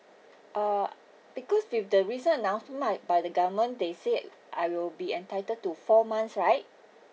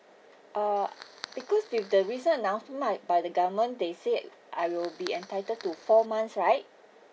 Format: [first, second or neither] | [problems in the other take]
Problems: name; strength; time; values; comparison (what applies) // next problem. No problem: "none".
first | background sound (Fire); 19 dB below the speech